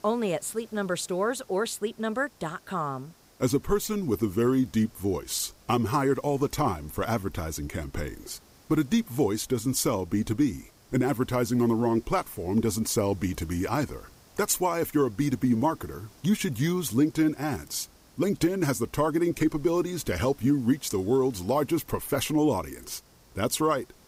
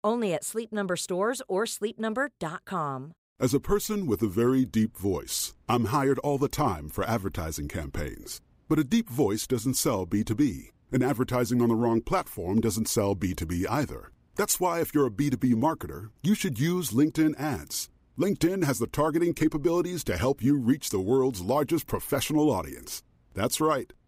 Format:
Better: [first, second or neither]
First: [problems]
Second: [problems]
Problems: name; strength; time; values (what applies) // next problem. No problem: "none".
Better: second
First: hiss; faint; throughout; 30 dB below the speech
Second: none